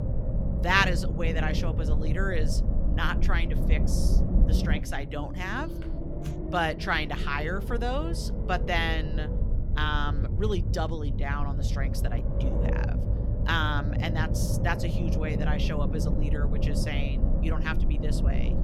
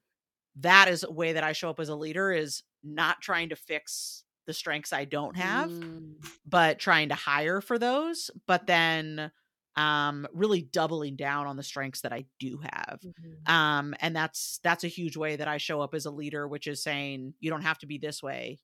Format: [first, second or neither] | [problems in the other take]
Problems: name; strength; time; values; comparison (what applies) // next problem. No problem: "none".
second | low rumble; loud; throughout; 9 dB below the speech